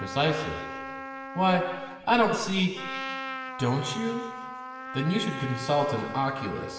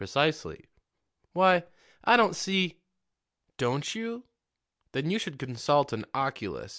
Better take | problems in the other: second | background sound (Trumpet); 9 dB below the speech // room echo; dies away in 1.5 s

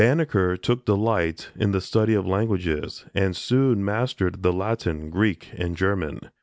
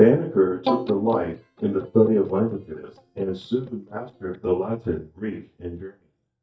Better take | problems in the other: first | noise reduction (neural mask model DeepFilterNet 3)

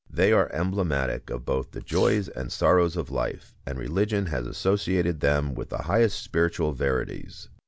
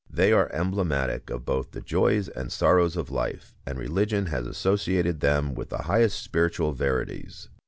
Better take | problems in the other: second | background sound (Domestic sounds, home sounds); 19 dB below the speech

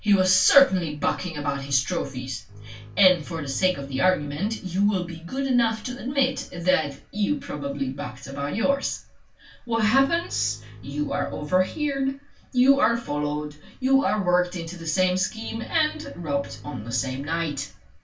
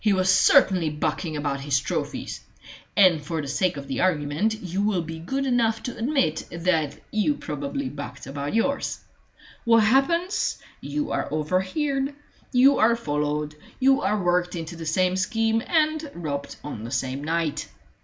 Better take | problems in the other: second | background sound (Bowed string instrument); 18 dB below the speech // room echo; dies away in 0.2 s

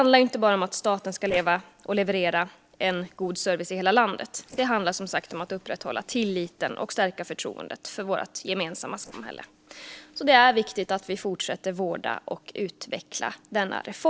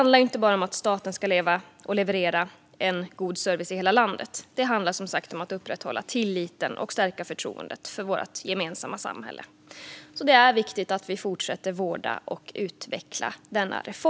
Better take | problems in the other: second | noise reduction (neural separator model SepFormer DNS4)

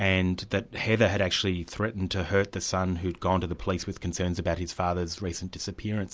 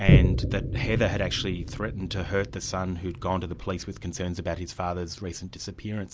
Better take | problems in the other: first | background sound (Boom); 2 dB above the speech

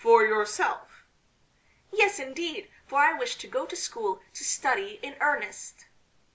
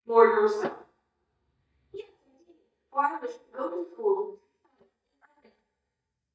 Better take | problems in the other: first | noise reduction (neural mask model DeepFilterNet 3)

